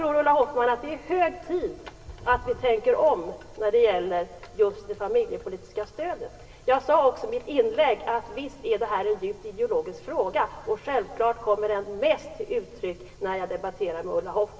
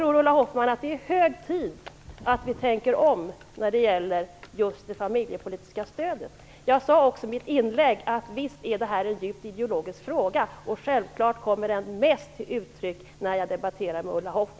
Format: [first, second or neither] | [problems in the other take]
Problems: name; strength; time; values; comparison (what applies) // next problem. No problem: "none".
second | room echo; dies away in 2.8 s